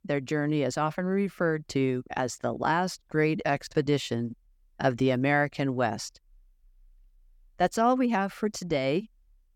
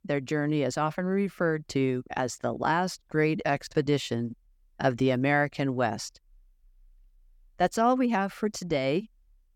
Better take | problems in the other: neither | none

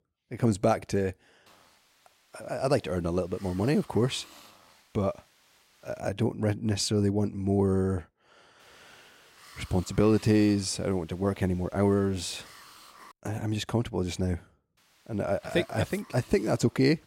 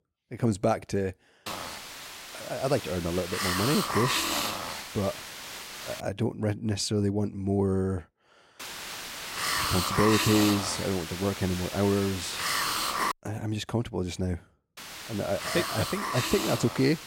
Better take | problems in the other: first | hiss; loud; from 1.5 to 6 s, from 8.5 to 13 s and from 15 s on; 2 dB below the speech; faint in the first

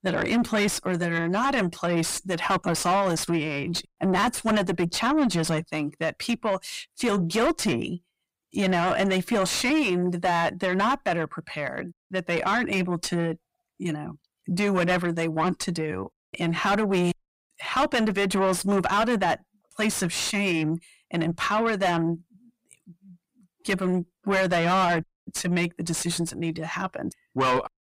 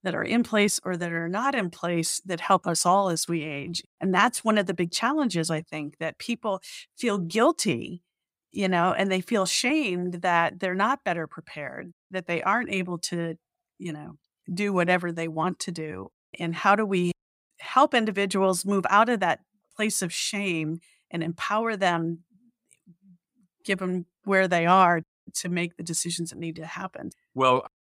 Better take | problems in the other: second | distortion; heavy; 6 dB below the speech

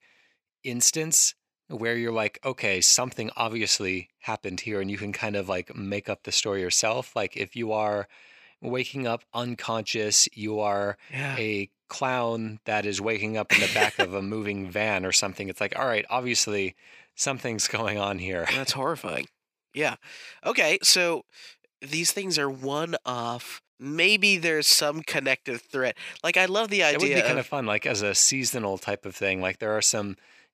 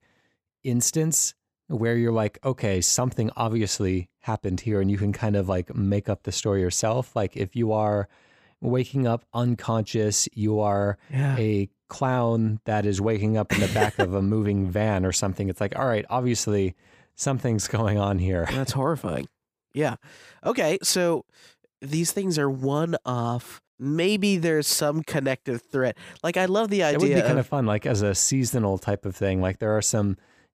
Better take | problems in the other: second | thin; somewhat; fading below 500 Hz

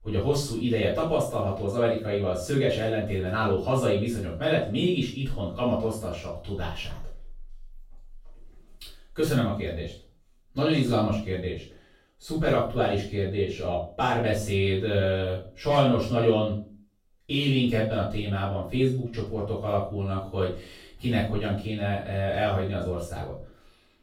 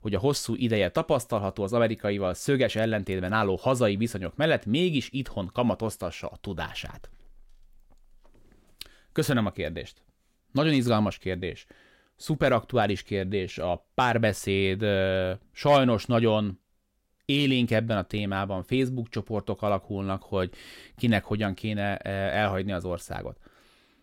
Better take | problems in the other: second | off-mic speech; far // room echo; noticeable; dies away in 0.4 s

